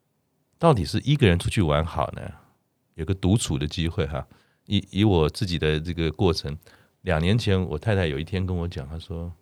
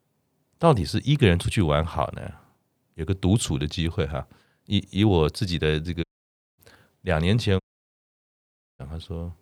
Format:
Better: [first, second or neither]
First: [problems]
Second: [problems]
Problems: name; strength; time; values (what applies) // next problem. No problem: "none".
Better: first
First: none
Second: audio cutting out; at 6 s for 0.5 s and at 7.5 s for 1 s